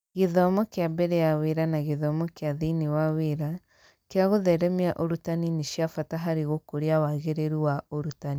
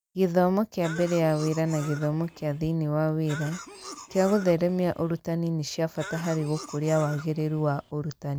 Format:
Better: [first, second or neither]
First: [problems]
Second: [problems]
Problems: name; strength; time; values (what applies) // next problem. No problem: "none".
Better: first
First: none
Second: background sound (Cough); 16 dB below the speech